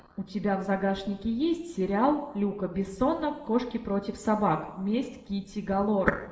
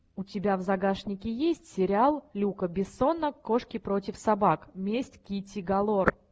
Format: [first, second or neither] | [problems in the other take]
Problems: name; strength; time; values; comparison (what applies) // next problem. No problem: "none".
second | room echo; dies away in 1 s